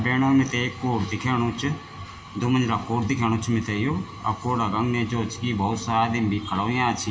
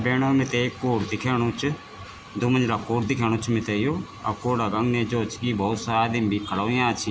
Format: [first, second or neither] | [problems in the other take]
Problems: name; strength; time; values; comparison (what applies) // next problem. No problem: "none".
second | room echo; dies away in 1.4 s